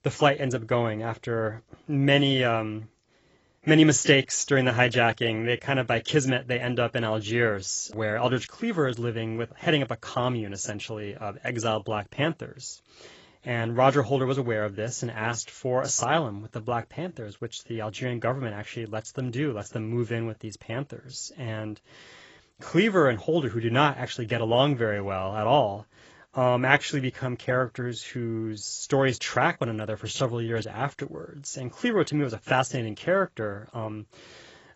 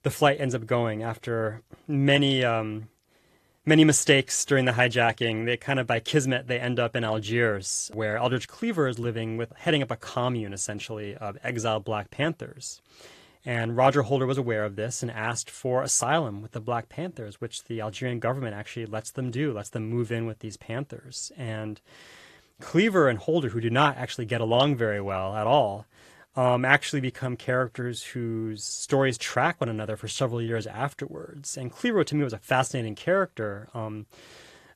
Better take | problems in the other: second | garbled, watery; badly; nothing above 7.5 kHz; slightly in the second

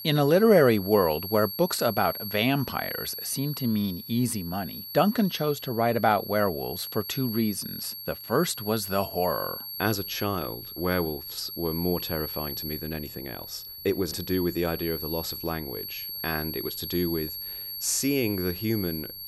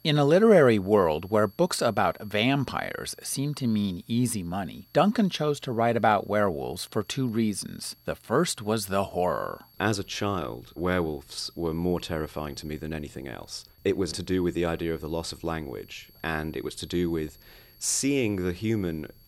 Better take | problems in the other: second | high-pitched whine; loud; throughout; 4.5 kHz, 8 dB below the speech; faint in the second

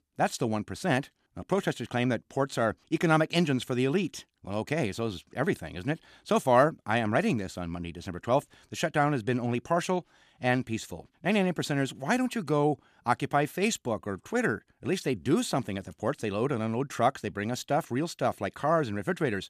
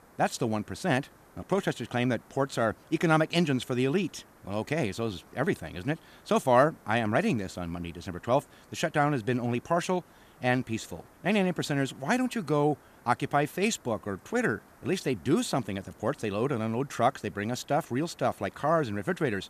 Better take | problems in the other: first | hiss; faint; throughout; 25 dB below the speech

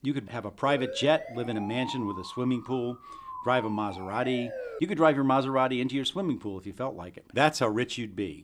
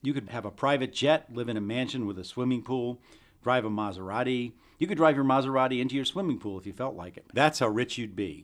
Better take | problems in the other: second | siren; noticeable; from 0.5 to 5 s; peak 9 dB below the speech

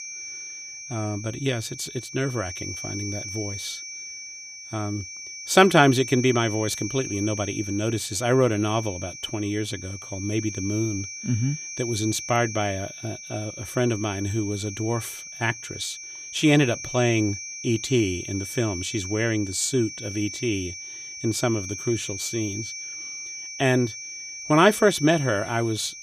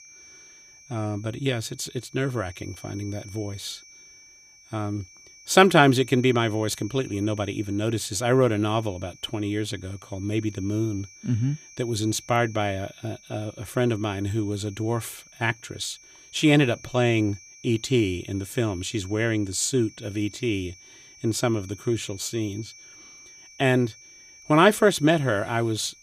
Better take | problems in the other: second | high-pitched whine; loud; throughout; 6 kHz, 9 dB below the speech; faint in the second

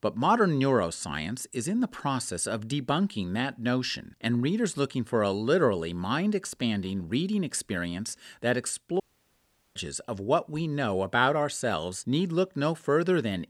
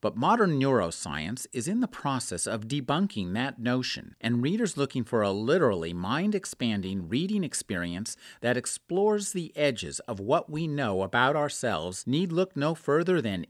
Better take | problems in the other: second | audio cutting out; at 9 s for 1 s

